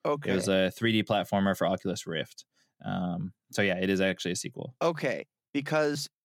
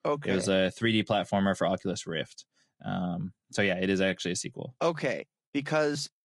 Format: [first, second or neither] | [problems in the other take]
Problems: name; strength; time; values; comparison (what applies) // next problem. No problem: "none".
first | garbled, watery; slightly; nothing above 10 kHz